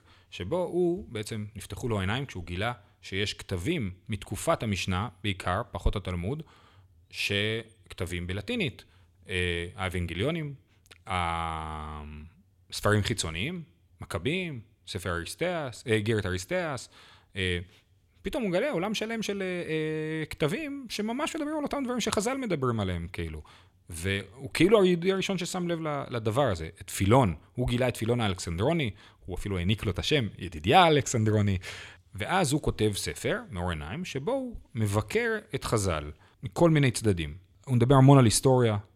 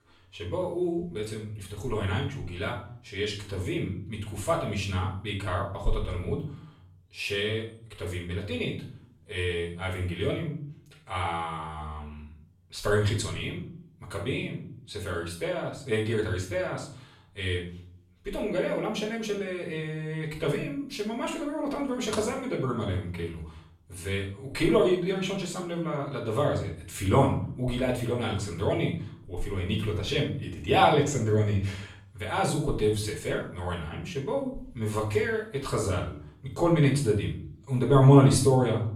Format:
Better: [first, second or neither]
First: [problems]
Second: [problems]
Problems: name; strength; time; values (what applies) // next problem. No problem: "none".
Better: first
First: none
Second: off-mic speech; far // room echo; noticeable; dies away in 0.5 s